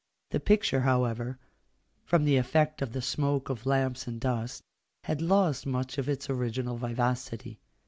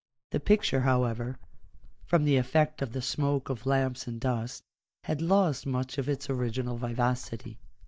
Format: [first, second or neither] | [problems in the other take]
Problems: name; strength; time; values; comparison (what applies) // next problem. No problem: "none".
first | noise reduction (neural mask model DeepFilterNet 3)